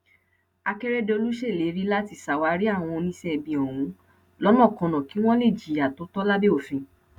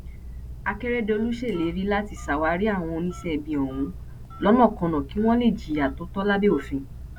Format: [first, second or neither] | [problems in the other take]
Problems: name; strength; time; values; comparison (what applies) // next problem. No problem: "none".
first | background sound (Telephone); 13 dB below the speech